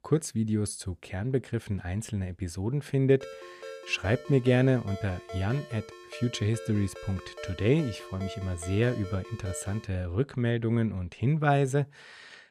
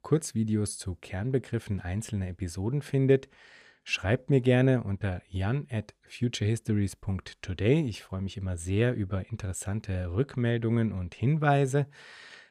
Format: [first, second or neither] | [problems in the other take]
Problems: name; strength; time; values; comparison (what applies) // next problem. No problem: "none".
second | phone ringing; faint; from 3 to 10 s; peak 15 dB below the speech